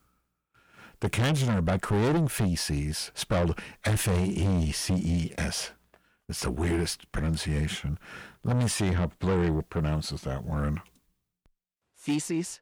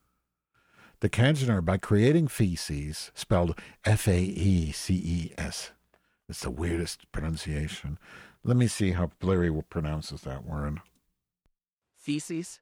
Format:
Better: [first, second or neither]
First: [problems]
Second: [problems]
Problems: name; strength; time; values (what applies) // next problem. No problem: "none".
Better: second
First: distortion; heavy; 7 dB below the speech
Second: none